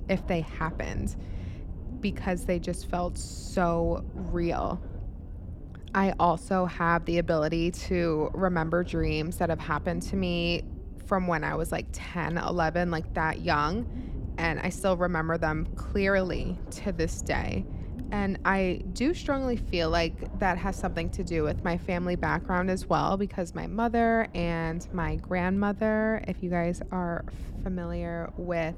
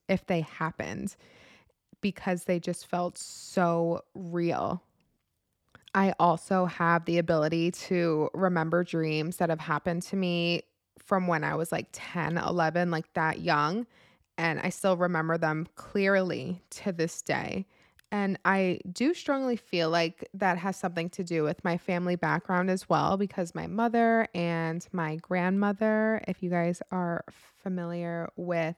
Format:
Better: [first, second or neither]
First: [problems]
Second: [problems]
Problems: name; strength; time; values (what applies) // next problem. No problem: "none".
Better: second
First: low rumble; faint; throughout; 20 dB below the speech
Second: none